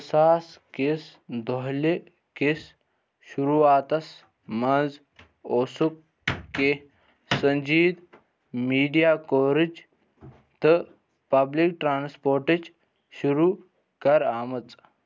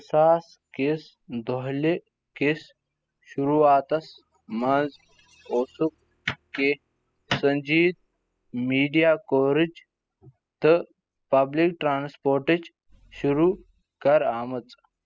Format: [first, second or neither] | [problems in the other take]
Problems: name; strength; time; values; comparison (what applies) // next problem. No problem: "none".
first | noise reduction (classical method spectral subtraction)